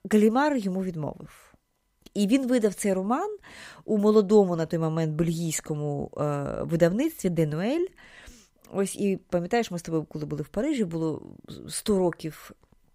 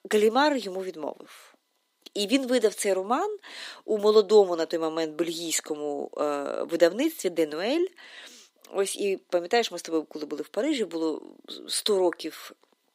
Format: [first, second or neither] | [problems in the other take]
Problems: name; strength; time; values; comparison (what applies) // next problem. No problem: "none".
first | thin; somewhat; fading below 300 Hz